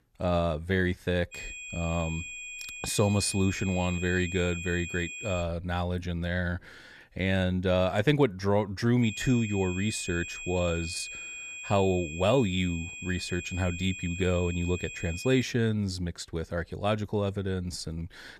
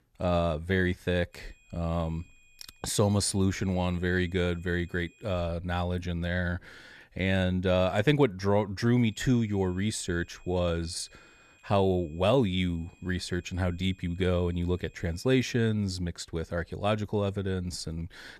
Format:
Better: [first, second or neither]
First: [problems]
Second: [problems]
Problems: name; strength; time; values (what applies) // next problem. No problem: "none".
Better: second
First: high-pitched whine; loud; from 1.5 to 5.5 s and from 9 to 15 s; 2.5 kHz, 9 dB below the speech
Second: high-pitched whine; faint; from 1.5 to 5.5 s and from 9 to 15 s; 2.5 kHz, 30 dB below the speech